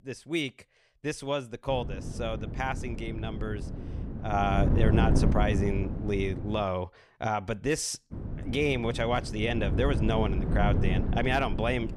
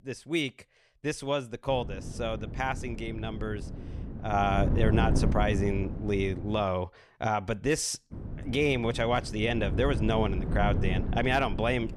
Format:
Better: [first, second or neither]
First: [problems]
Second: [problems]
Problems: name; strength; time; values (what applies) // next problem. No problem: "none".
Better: second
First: wind noise on the microphone; heavy; from 1.5 to 6.5 s and from 8 s on; 8 dB below the speech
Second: wind noise on the microphone; occasional gusts; from 1.5 to 6.5 s and from 8 s on; 10 dB below the speech